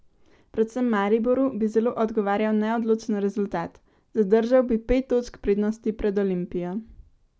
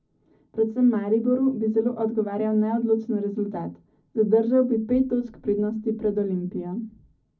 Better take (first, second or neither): first